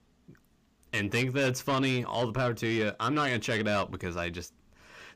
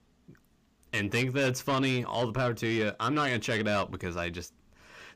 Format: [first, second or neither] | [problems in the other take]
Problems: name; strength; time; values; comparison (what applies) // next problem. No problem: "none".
neither | distortion; slight; 10 dB below the speech; the same in both